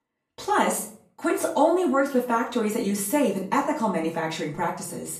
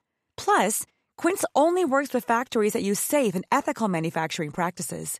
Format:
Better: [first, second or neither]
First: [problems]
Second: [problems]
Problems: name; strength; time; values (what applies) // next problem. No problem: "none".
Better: second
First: room echo; slight; dies away in 0.4 s // off-mic speech; far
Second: none